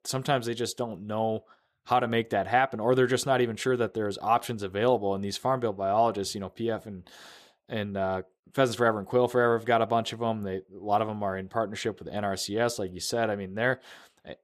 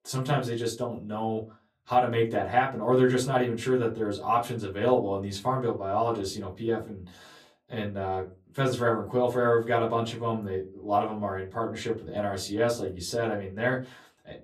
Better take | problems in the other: first | off-mic speech; far // room echo; very slight; dies away in 0.3 s

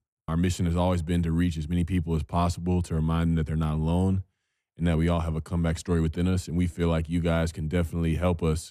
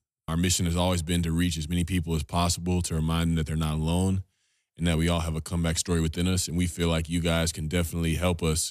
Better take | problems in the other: second | muffled; slightly; fading above 2.5 kHz

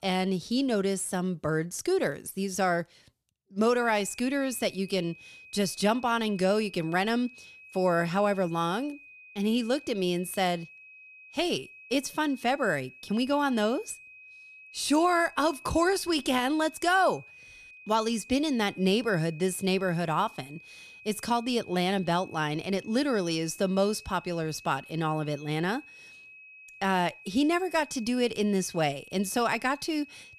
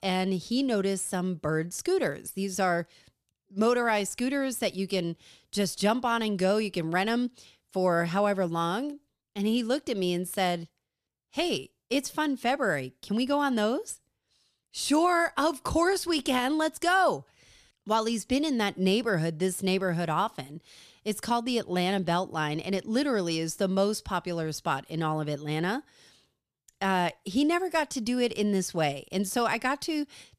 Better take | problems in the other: second | high-pitched whine; faint; from 3.5 s on; 2.5 kHz, 20 dB below the speech

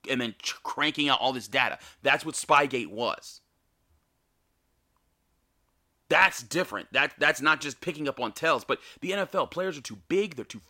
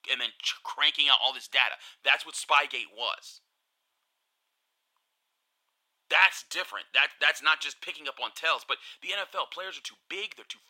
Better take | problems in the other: first | thin; very; fading below 900 Hz

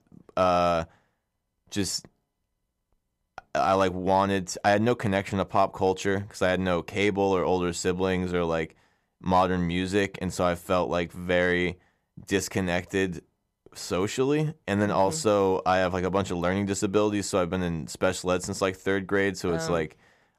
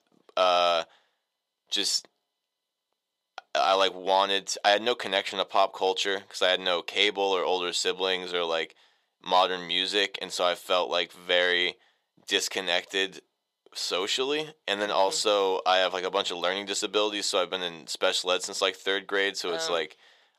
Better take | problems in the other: first | thin; somewhat; fading below 500 Hz

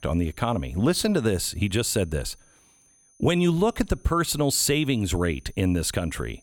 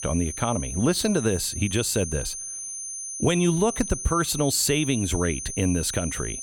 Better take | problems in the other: first | high-pitched whine; loud; throughout; 6 kHz, 7 dB below the speech; faint in the first

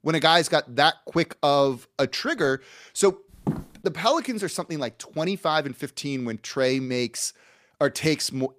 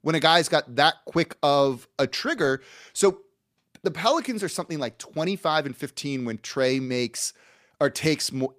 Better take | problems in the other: second | footsteps; noticeable; at 3.5 s; peak 7 dB below the speech

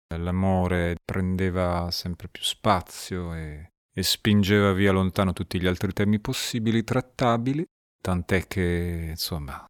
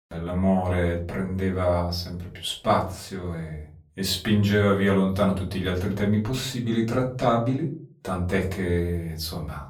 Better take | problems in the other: first | off-mic speech; far // room echo; slight; dies away in 0.4 s

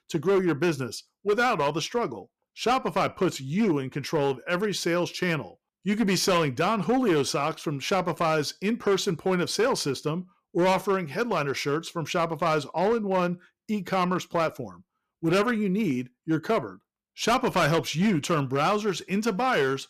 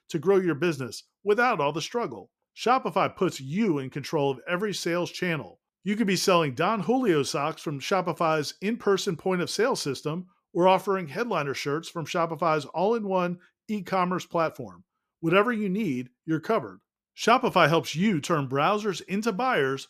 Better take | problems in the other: second | distortion; slight; 7% of the sound clipped

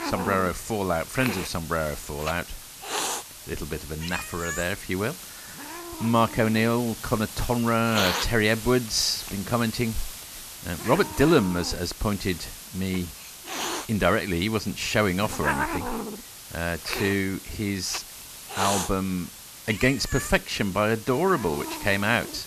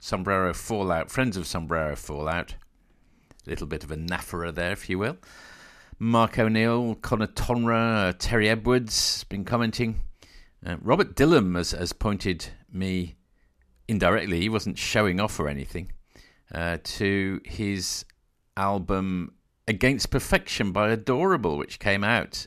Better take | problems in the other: second | hiss; loud; throughout; 8 dB below the speech

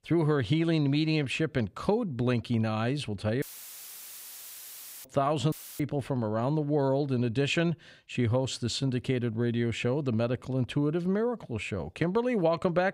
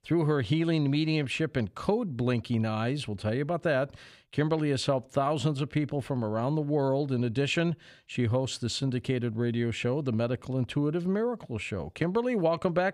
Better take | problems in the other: second | audio cutting out; filled with static; at 3.5 s for 1.5 s and at 5.5 s

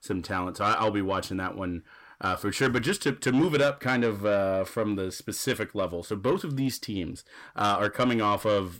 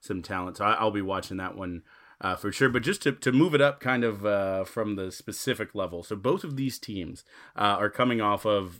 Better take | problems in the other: second | distortion; slight; 10 dB below the speech

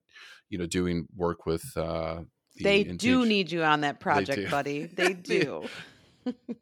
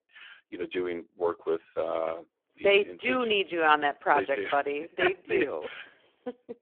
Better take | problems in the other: first | phone-call audio; poor line

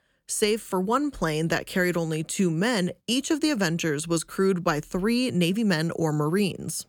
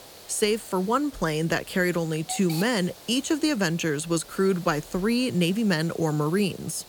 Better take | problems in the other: first | hiss; noticeable; throughout; 20 dB below the speech

